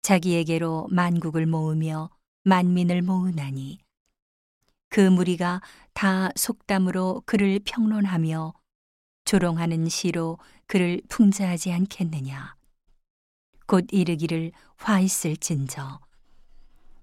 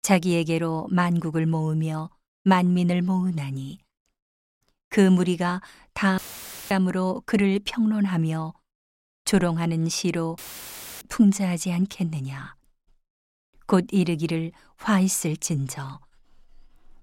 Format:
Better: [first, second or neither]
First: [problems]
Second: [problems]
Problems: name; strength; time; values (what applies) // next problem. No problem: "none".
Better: first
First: none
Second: audio cutting out; filled with static; at 6 s for 0.5 s and at 10 s for 0.5 s